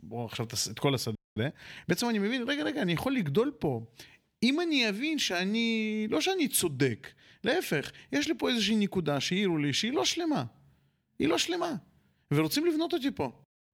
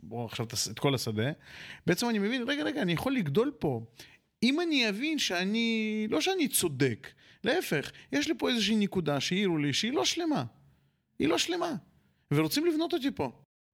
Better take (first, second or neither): second